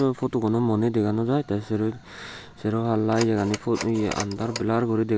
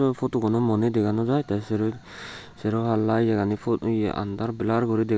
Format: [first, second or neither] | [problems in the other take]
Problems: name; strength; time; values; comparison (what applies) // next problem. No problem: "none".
second | background sound (Telephone); 16 dB below the speech